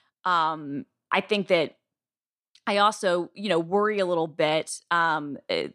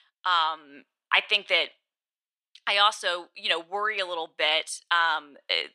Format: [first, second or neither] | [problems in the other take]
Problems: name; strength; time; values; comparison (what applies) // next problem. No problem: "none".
first | thin; very; fading below 750 Hz